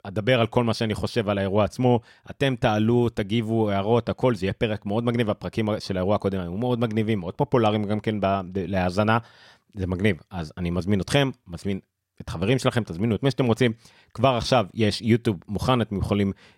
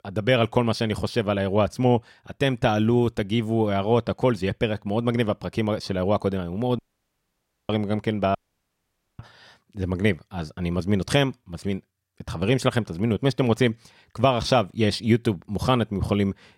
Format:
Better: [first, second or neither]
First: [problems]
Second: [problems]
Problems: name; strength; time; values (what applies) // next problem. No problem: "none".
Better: first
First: none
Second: audio cutting out; at 7 s for 1 s and at 8.5 s for 1 s